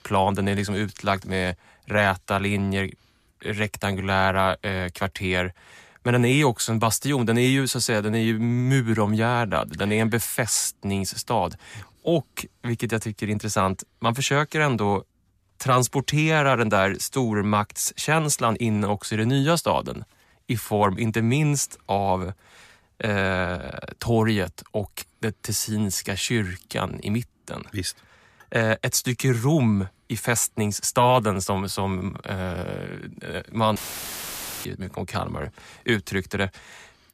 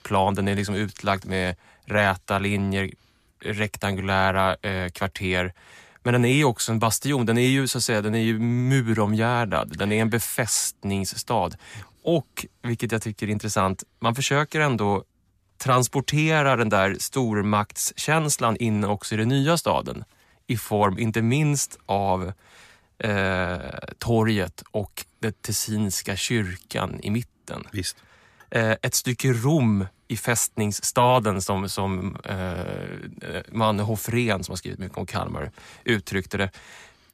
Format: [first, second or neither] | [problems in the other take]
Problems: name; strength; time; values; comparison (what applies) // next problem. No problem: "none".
second | audio cutting out; filled with static; at 34 s for 1 s